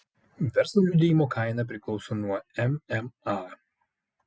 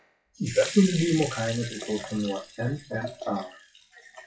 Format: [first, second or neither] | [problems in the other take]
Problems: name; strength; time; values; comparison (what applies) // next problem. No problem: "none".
first | noise reduction (classical method WPE with log-MMSE)